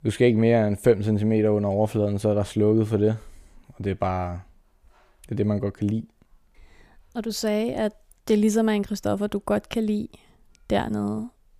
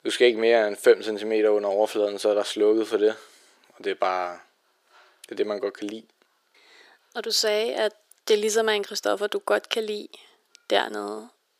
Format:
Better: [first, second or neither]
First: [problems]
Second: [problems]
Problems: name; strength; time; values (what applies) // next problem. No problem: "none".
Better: first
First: none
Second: thin; very; fading below 350 Hz